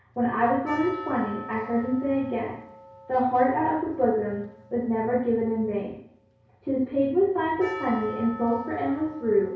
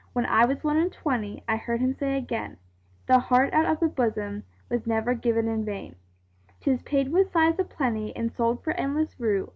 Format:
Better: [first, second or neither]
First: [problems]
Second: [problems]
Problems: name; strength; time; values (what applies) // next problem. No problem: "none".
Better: second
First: background sound (Percussion); 16 dB below the speech // room echo; dies away in 0.6 s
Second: none